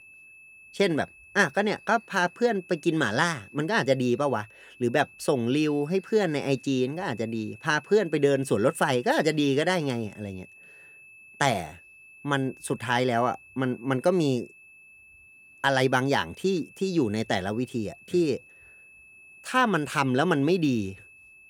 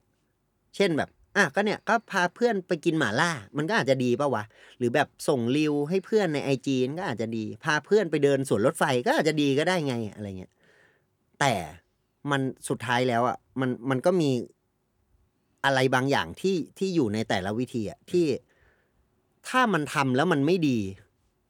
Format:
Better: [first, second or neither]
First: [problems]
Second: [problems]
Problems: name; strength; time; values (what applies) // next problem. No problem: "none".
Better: second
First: high-pitched whine; faint; throughout; 2.5 kHz, 25 dB below the speech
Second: none